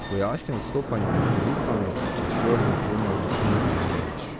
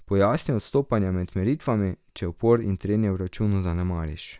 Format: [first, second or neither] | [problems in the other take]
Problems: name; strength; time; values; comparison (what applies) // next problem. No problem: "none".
second | background sound (Mechanisms); 3 dB above the speech